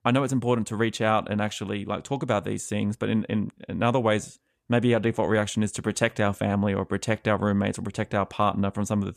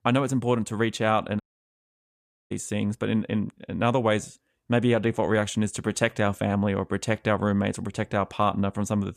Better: first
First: none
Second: audio cutting out; at 1.5 s for 1 s

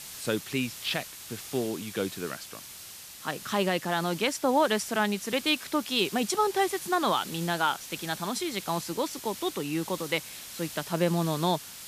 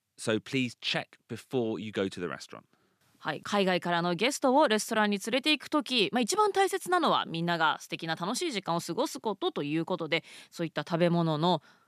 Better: second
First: hiss; noticeable; throughout; 10 dB below the speech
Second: none

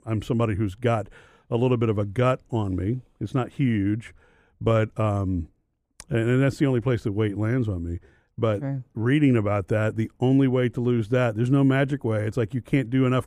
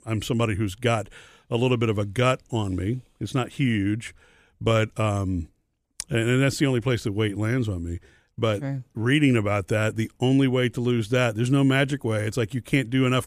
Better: second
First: muffled; slightly; fading above 2 kHz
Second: none

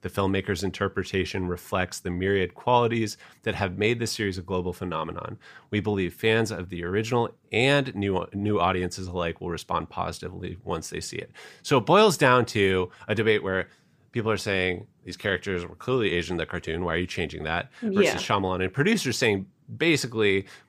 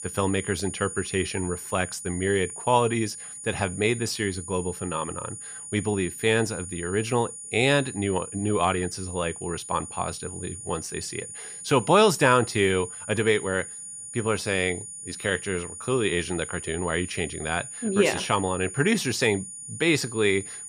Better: first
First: none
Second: high-pitched whine; noticeable; throughout; 9.5 kHz, 10 dB below the speech

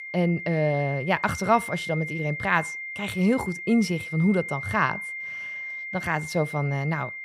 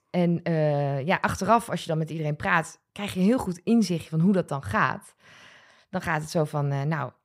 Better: second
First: high-pitched whine; loud; throughout; 2 kHz, 8 dB below the speech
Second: none

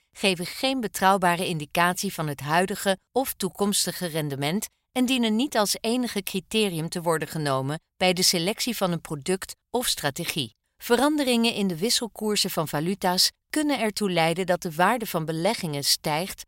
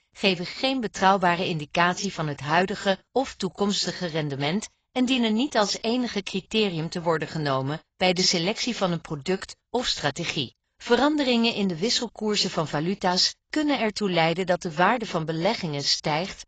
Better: first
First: none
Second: garbled, watery; badly; nothing above 7.5 kHz

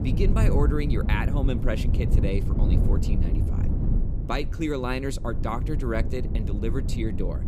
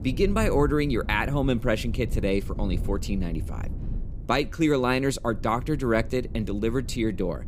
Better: second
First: low rumble; loud; throughout; 7 dB below the speech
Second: low rumble; faint; throughout; 20 dB below the speech

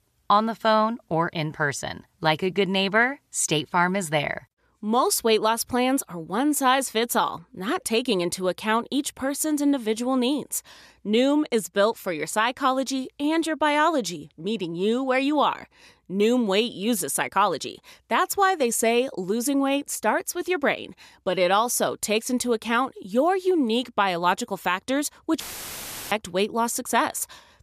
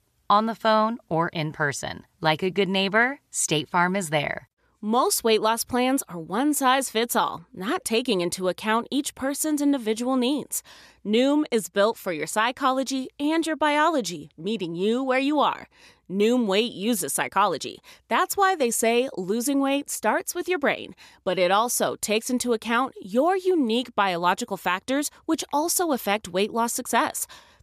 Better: second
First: audio cutting out; filled with static; at 25 s for 0.5 s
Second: none

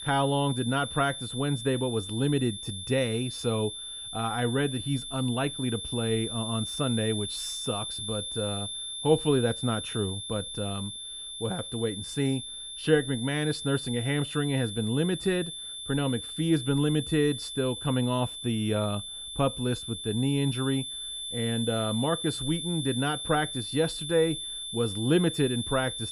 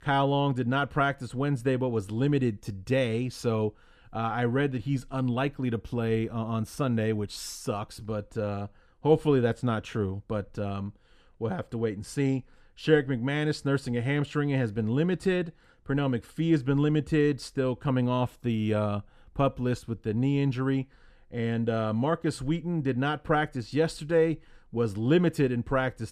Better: second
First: high-pitched whine; loud; throughout; 3.5 kHz, 6 dB below the speech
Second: none

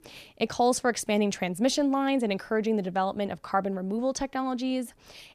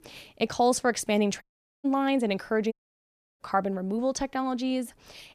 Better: first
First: none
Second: audio cutting out; at 1.5 s and at 2.5 s for 0.5 s

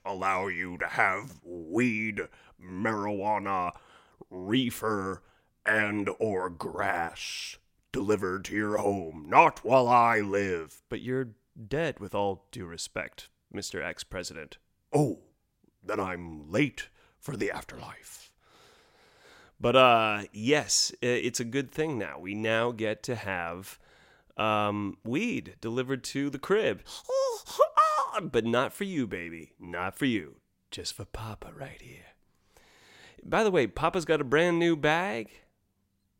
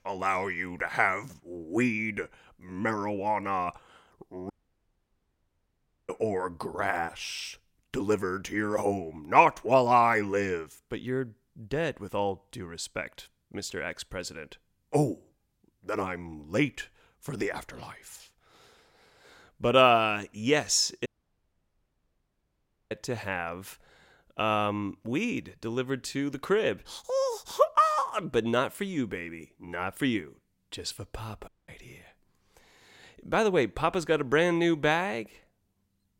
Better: first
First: none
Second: audio cutting out; at 4.5 s for 1.5 s, at 21 s for 2 s and at 31 s

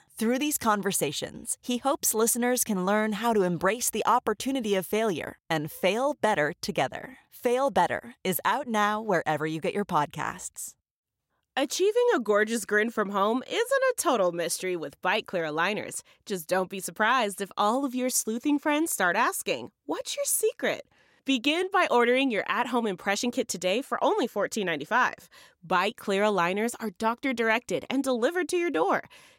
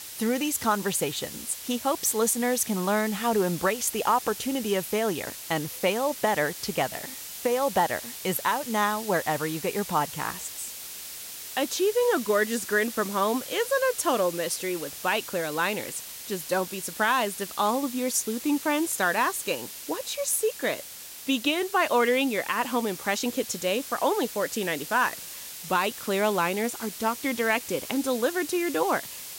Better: first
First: none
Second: hiss; loud; throughout; 10 dB below the speech

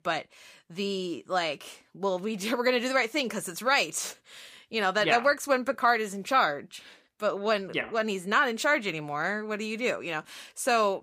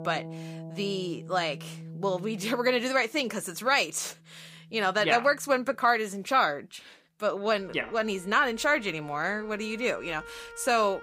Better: first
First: none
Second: background music; noticeable; throughout; 20 dB below the speech

